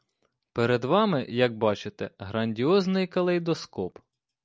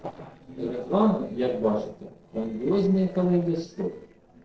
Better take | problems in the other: first | noise reduction (neural separator model SepFormer DNS4)

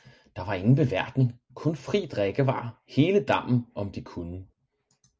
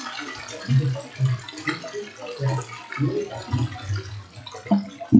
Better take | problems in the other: first | noise reduction (classical method WPE with log-MMSE)

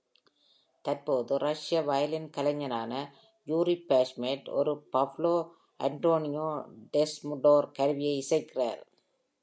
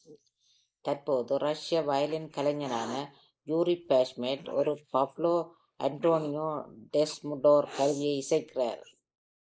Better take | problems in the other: first | noise reduction (neural mask model Resemble Enhance denoiser)

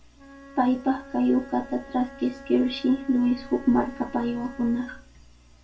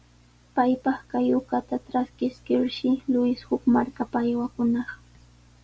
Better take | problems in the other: second | background sound (Wind instrument, woodwind instrument); 20 dB below the speech // room echo; dies away in 0.2 s

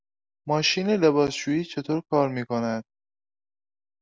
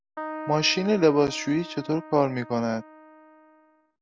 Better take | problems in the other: first | background sound (Keyboard (musical)); 14 dB below the speech

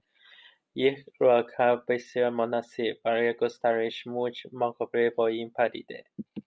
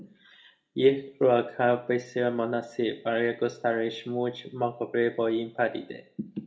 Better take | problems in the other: first | room echo; dies away in 0.3 s

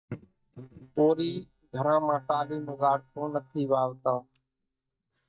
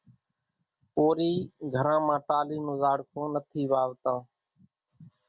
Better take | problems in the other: second | noise reduction (neural mask model DeepFilterNet 3)

